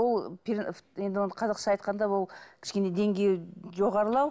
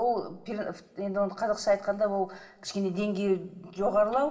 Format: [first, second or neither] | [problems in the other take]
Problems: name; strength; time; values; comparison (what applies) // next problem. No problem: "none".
first | room echo; dies away in 1.3 s